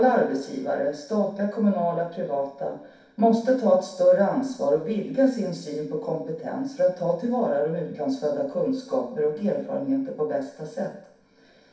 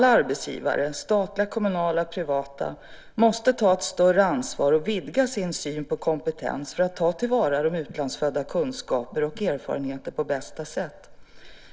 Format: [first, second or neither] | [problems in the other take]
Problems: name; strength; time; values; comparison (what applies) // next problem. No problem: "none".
second | room echo; dies away in 0.6 s